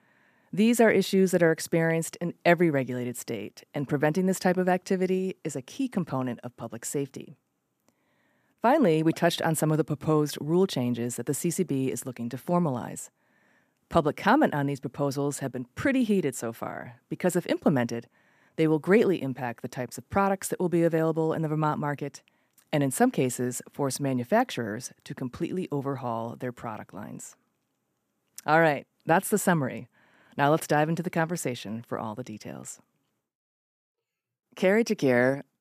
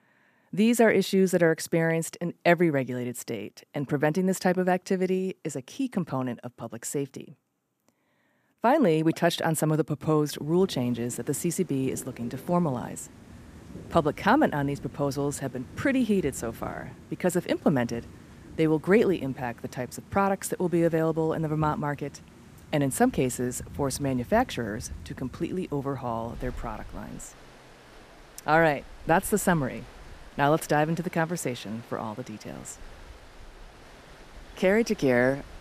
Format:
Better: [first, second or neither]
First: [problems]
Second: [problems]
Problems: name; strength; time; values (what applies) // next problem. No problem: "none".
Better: first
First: none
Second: rain or running water; faint; from 10 s on; 20 dB below the speech